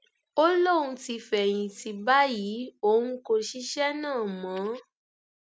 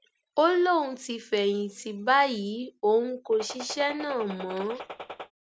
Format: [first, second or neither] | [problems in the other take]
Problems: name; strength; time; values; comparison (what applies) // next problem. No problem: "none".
first | background sound (Gunshot, gunfire); 13 dB below the speech